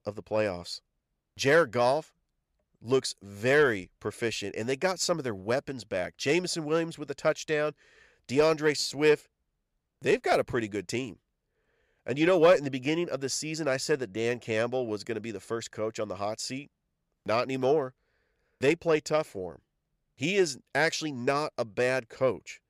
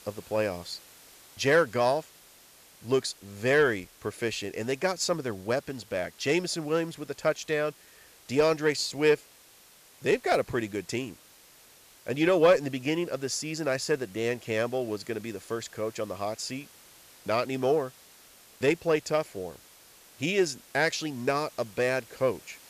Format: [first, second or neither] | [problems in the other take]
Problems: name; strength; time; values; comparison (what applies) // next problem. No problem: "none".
first | hiss; faint; throughout; 25 dB below the speech